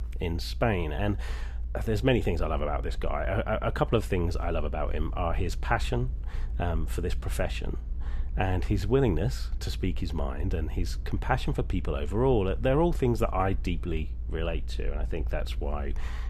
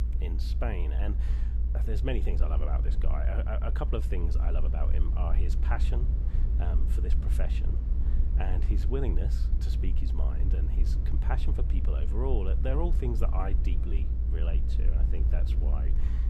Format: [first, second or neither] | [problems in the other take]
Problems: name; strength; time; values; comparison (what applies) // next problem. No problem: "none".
first | low rumble; loud; throughout; 7 dB below the speech; faint in the first